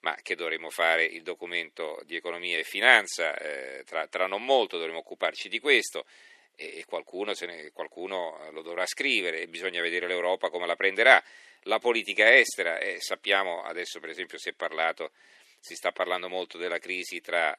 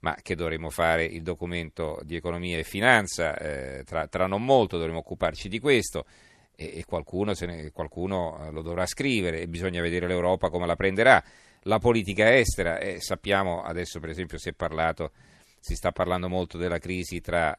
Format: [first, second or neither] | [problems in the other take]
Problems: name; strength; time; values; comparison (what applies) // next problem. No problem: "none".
second | thin; somewhat; fading below 300 Hz